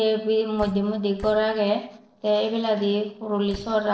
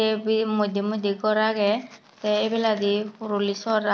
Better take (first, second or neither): second